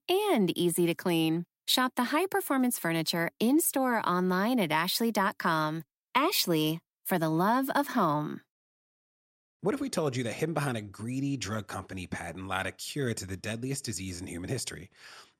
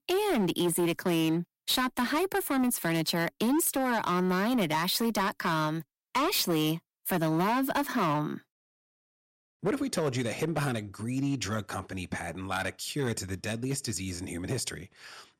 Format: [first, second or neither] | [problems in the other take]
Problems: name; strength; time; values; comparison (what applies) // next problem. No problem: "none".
first | distortion; slight; 10% of the sound clipped